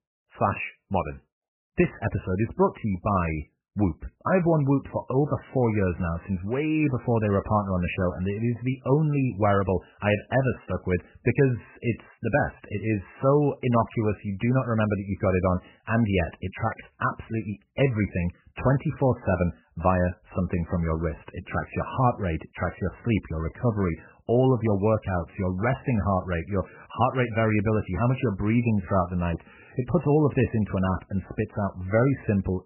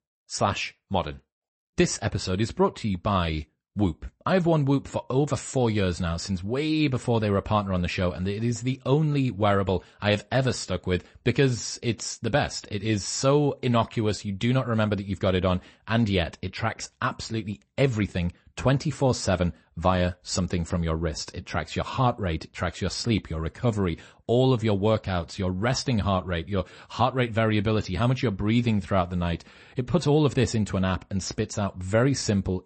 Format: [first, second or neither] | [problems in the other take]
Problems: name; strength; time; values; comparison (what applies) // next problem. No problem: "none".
second | garbled, watery; badly; nothing above 3 kHz; slightly in the second